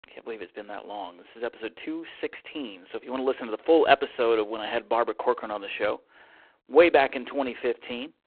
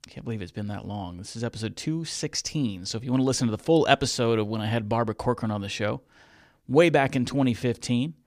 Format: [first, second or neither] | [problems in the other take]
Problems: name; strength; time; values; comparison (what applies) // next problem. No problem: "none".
second | phone-call audio; poor line